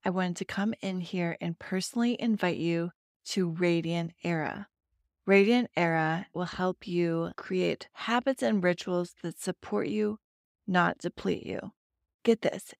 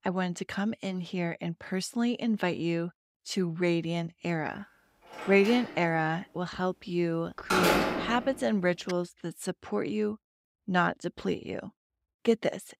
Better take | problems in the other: first | door banging; loud; from 5 to 9 s; peak 6 dB above the speech

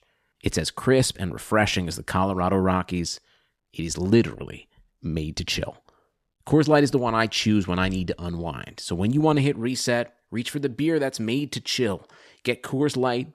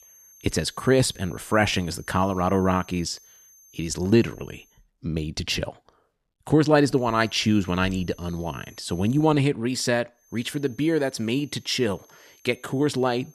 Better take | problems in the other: first | high-pitched whine; faint; until 4.5 s, from 7 to 9.5 s and from 10 s on; 6.5 kHz, 25 dB below the speech

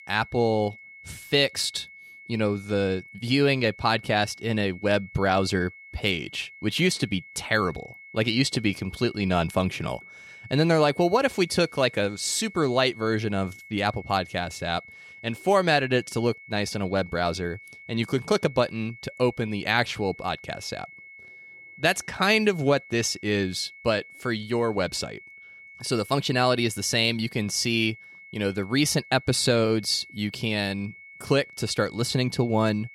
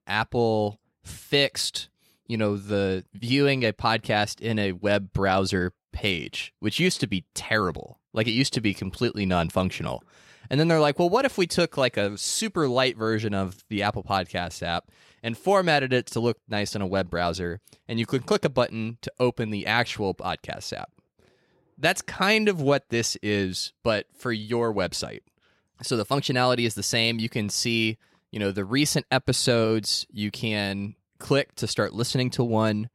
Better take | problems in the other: second | high-pitched whine; noticeable; throughout; 2 kHz, 20 dB below the speech

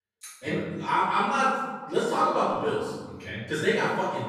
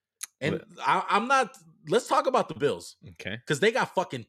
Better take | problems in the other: second | off-mic speech; far // room echo; strong; dies away in 1.3 s

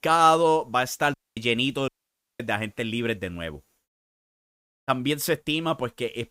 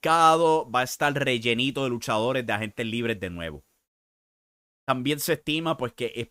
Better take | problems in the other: second | audio cutting out; at 1 s and at 2 s for 0.5 s

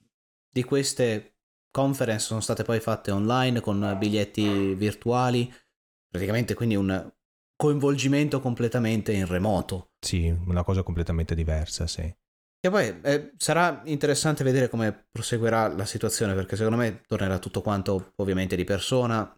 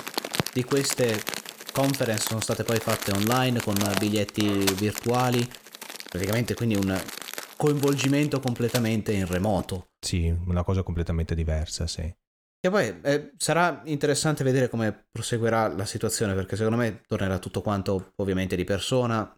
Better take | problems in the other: first | household noises; loud; until 9 s; 6 dB below the speech

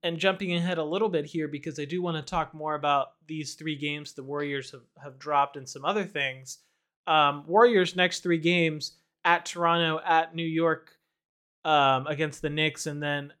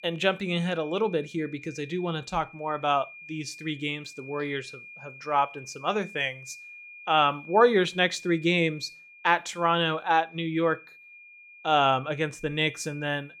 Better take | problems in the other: first | high-pitched whine; noticeable; throughout; 2.5 kHz, 20 dB below the speech

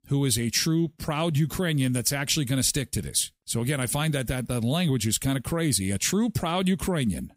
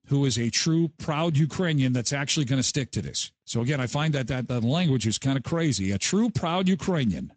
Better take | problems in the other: first | garbled, watery; slightly; nothing above 8 kHz

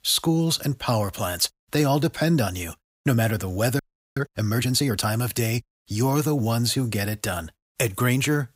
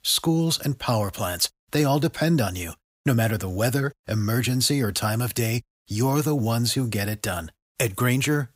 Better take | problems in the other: second | audio freezing; at 4 s

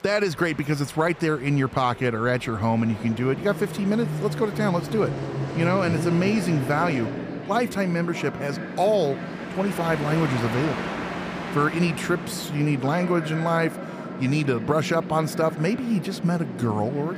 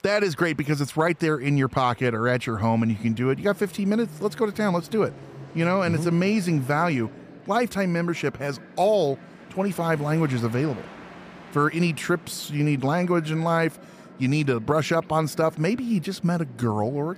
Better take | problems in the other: second | train or aircraft noise; loud; throughout; 8 dB below the speech; faint in the second

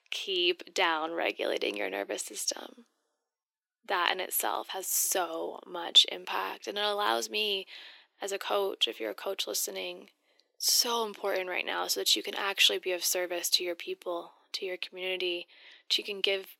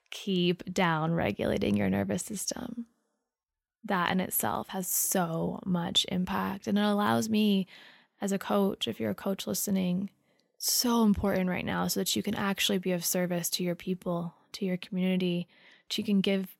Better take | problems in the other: second | thin; very; fading below 350 Hz

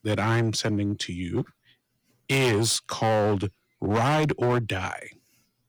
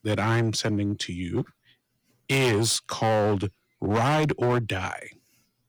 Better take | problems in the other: neither | distortion; heavy; 11% of the sound clipped; the same in both

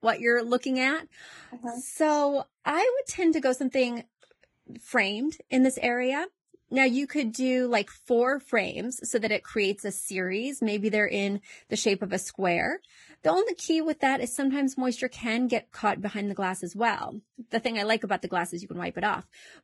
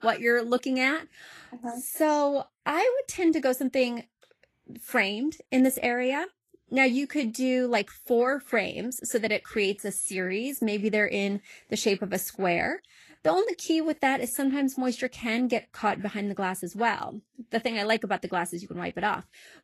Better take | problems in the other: second | garbled, watery; badly; nothing above 11.5 kHz; slightly in the second

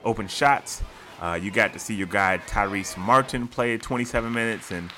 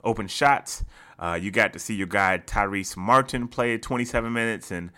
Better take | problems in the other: second | crowd noise; noticeable; throughout; 20 dB below the speech

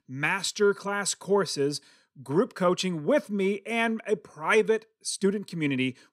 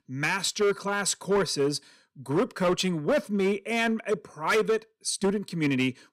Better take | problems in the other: first | distortion; slight; 8% of the sound clipped

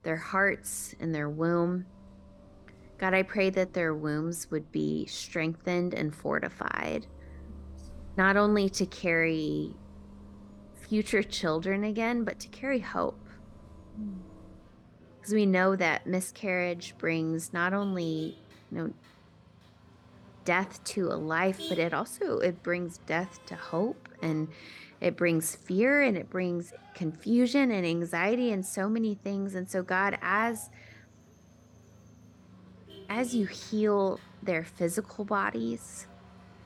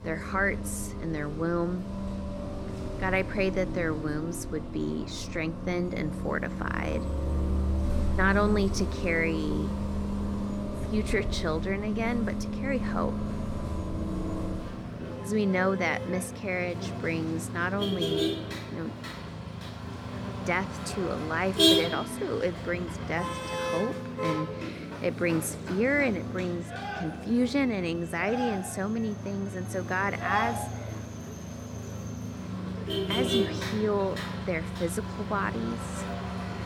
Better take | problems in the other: first | traffic noise; loud; throughout; 2 dB below the speech; faint in the first

